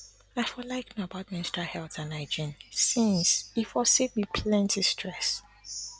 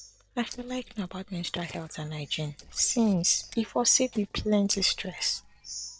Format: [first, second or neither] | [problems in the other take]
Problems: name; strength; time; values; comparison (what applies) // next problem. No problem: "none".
first | noise reduction (neural separator model SepFormer DNS4)